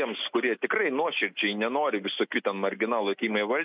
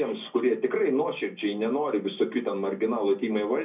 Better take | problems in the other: first | room echo; dies away in 0.4 s

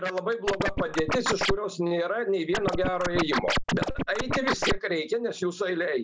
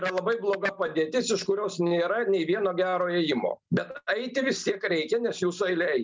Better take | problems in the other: second | background sound (Scratching (performance technique)); as loud as the speech

